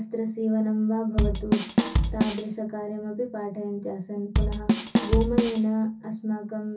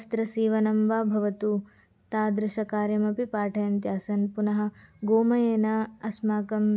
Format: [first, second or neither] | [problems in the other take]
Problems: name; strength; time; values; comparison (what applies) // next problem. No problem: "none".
second | background sound (Bass drum / Snare drum / Drum kit); 4 dB above the speech // room echo; dies away in 0.3 s